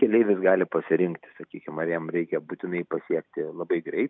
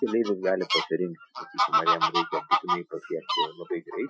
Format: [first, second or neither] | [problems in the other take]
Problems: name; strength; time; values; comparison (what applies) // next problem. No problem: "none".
first | noise reduction (classical method Wiener filter)